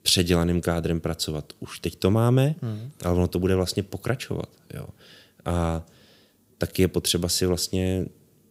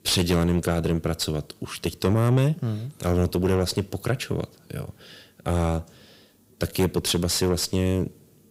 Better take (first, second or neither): first